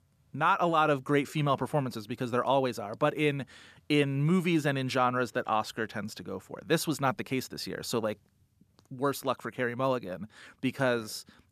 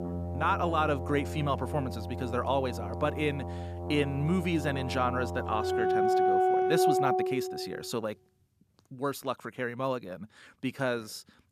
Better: first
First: none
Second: background music; very loud; until 8 s; 1 dB above the speech

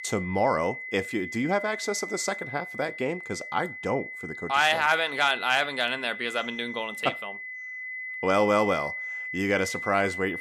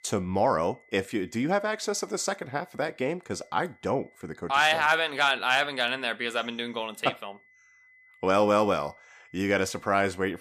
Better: second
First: high-pitched whine; loud; throughout; 2 kHz, 8 dB below the speech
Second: high-pitched whine; faint; throughout; 2 kHz, 30 dB below the speech

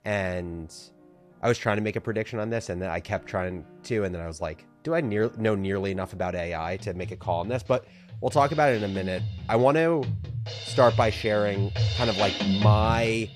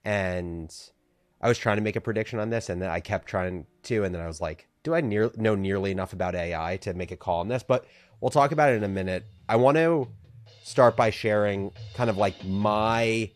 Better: second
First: background music; loud; throughout; 3 dB below the speech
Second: background music; faint; throughout; 20 dB below the speech

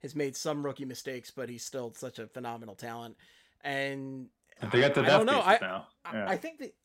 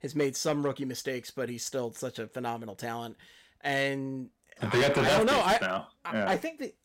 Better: first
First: none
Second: distortion; heavy; 5% of the sound clipped

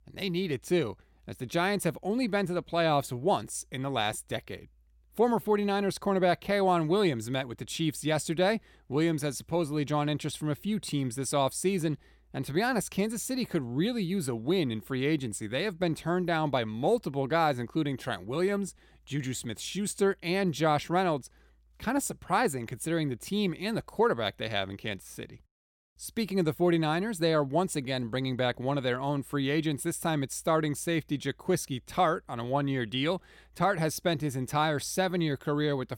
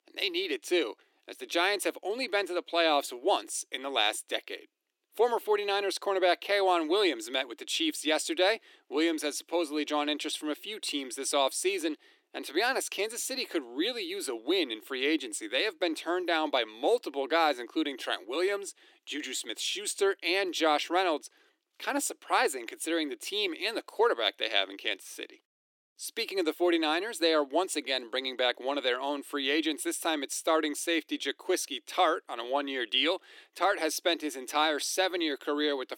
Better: first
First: none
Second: thin; somewhat; fading below 300 Hz

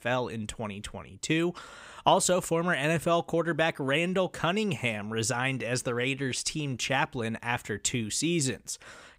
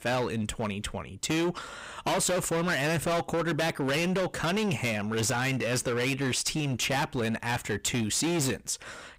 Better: first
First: none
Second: distortion; heavy; 23% of the sound clipped

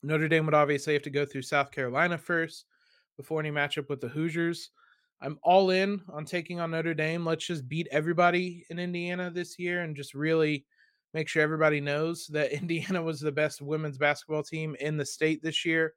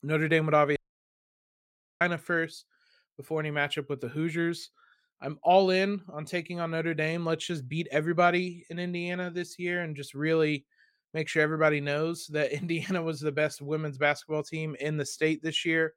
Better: first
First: none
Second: audio cutting out; at 1 s for 1 s

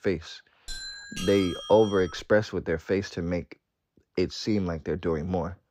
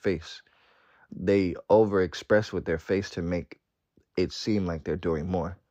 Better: second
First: doorbell; noticeable; from 0.5 to 2.5 s; peak 8 dB below the speech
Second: none

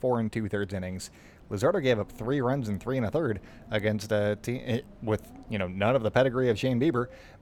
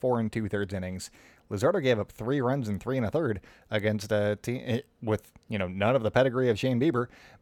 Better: second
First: wind in the background; faint; throughout; 25 dB below the speech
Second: none

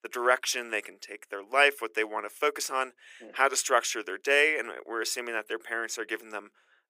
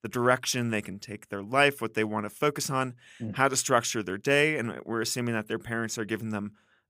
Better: second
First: thin; very; fading below 350 Hz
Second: none

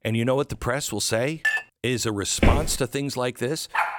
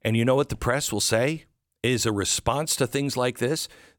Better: second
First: clattering dishes; loud; at 1.5 s; peak 1 dB above the speech // footsteps; loud; at 2.5 s; peak 3 dB above the speech // dog barking; noticeable; at 3.5 s; peak 1 dB below the speech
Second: none

